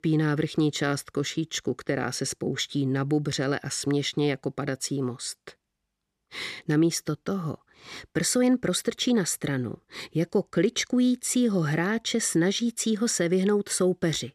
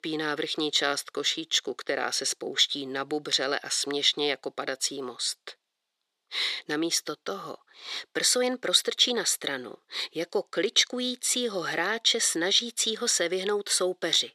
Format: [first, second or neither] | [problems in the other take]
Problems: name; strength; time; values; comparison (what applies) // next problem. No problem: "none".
first | thin; somewhat; fading below 550 Hz